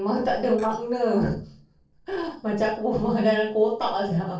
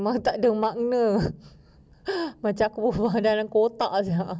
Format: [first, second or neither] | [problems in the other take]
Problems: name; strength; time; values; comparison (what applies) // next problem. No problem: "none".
second | noise reduction (neural separator model SepFormer DNS4)